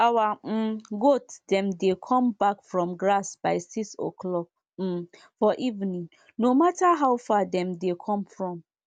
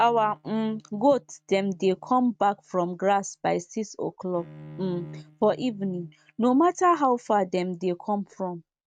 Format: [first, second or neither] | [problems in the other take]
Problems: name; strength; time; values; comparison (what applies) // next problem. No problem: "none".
first | noise reduction (neural mask model RNNoise)